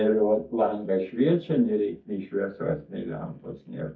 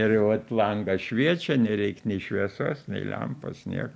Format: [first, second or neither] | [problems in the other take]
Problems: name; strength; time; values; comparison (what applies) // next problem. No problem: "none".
second | noise reduction (neural mask model DeepFilterNet 3)